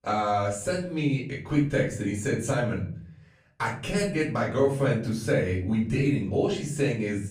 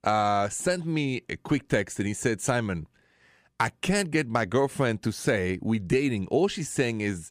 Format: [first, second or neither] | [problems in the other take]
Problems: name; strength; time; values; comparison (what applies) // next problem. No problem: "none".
second | off-mic speech; far // room echo; slight; dies away in 0.5 s